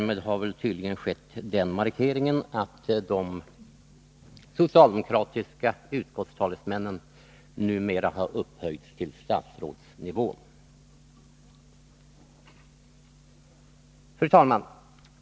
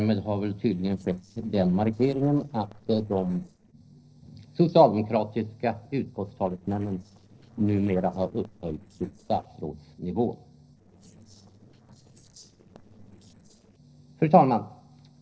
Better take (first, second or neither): first